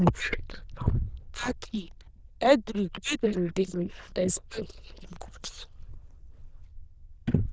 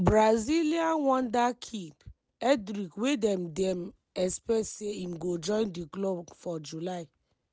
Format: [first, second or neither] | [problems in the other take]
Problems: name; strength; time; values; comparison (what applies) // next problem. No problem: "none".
second | noise reduction (neural diffusion model UNIVERSE++)